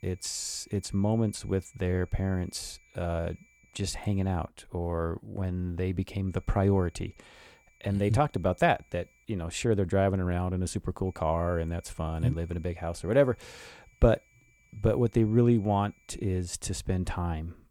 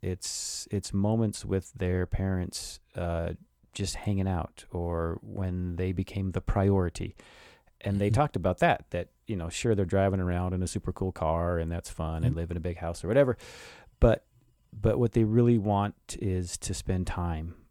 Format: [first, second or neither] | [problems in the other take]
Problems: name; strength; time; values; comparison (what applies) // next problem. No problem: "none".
second | high-pitched whine; faint; until 4.5 s, from 6.5 to 9.5 s and from 11 to 16 s; 2.5 kHz, 35 dB below the speech